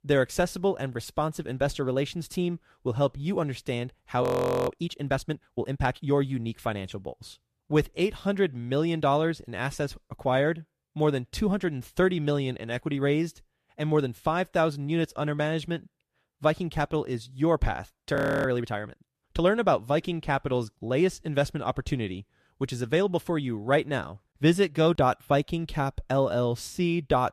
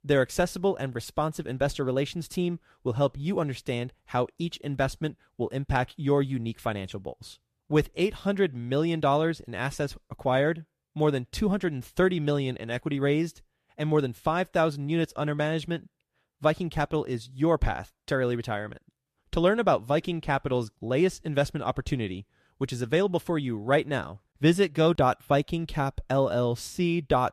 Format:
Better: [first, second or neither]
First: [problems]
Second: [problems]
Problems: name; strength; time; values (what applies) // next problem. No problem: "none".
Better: second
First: audio freezing; at 4 s and at 18 s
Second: none